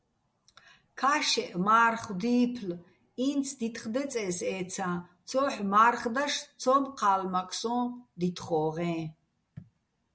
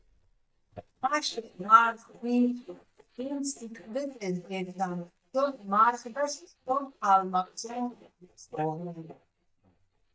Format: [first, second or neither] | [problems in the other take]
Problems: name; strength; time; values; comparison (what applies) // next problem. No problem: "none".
first | noise reduction (neural mask model DeepFilterNet 3)